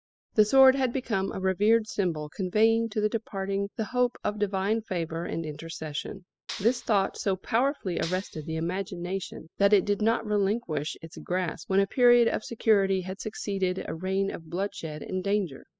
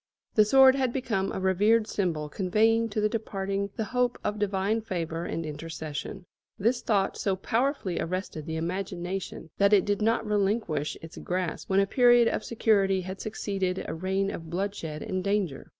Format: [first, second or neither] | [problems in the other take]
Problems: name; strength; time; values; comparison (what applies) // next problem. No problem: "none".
second | noise reduction (classical method spectral subtraction)